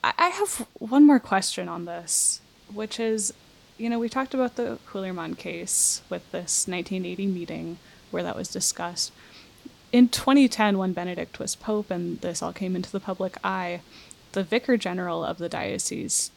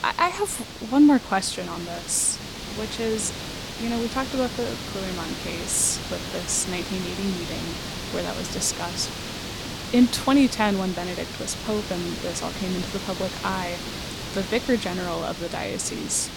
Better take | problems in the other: first | hiss; loud; throughout; 7 dB below the speech; faint in the first

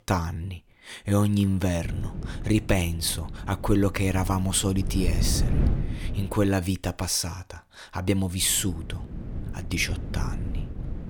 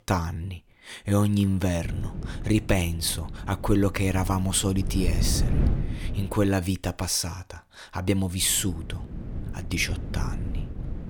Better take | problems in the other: neither | wind noise on the microphone; occasional gusts; from 2 to 6.5 s and from 8.5 s on; 15 dB below the speech; the same in both

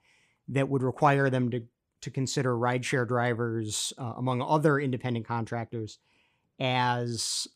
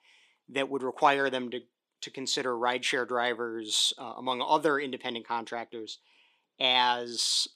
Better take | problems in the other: first | thin; somewhat; fading below 300 Hz

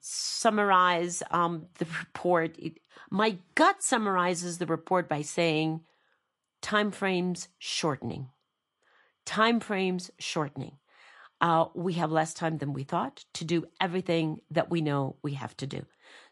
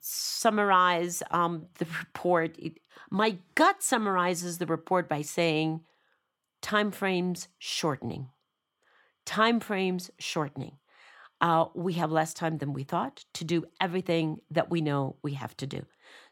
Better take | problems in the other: second | garbled, watery; slightly; nothing above 11.5 kHz

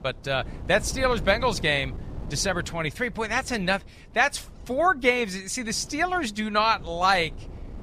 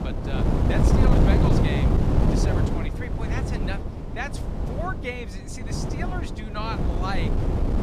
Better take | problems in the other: first | wind noise on the microphone; heavy; 2 dB above the speech; occasional gusts in the first

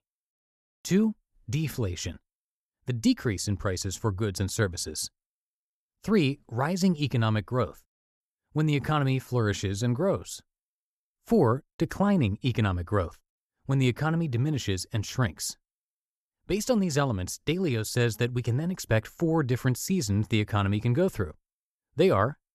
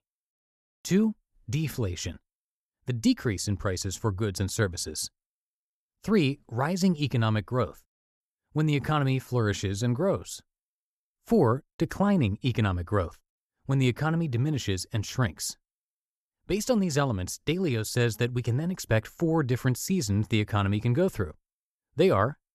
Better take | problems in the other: neither | none

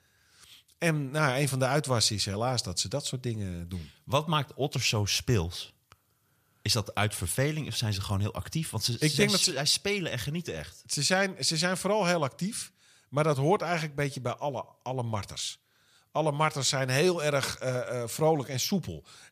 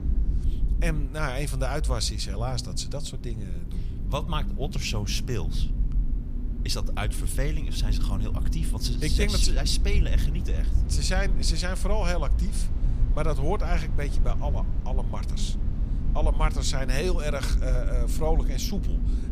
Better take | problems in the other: first | low rumble; noticeable; throughout; 10 dB below the speech

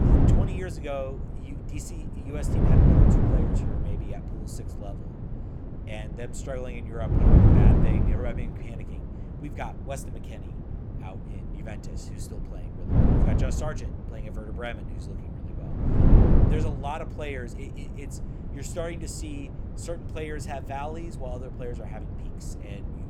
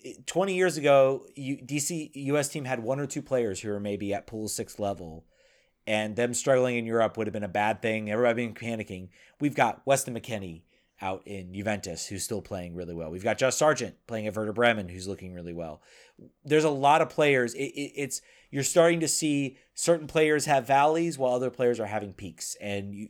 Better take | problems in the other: second | wind noise on the microphone; heavy; 2 dB above the speech

